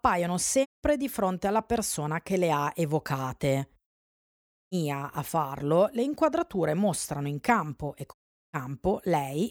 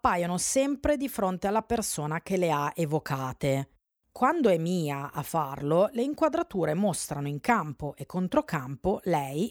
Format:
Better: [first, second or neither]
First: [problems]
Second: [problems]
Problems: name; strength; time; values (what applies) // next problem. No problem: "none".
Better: second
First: audio cutting out; at 0.5 s, at 4 s for 1 s and at 8 s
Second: none